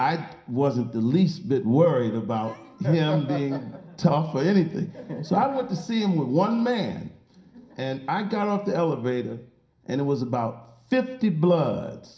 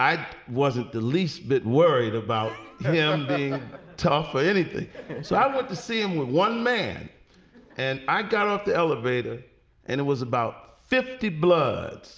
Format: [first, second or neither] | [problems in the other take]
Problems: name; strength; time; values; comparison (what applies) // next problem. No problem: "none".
second | room echo; dies away in 0.3 s